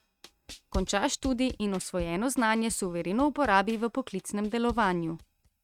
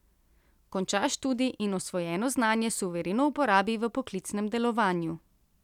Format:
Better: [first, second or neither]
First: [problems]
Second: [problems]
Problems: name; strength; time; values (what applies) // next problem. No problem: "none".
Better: second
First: noise reduction (neural mask model RNNoise)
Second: none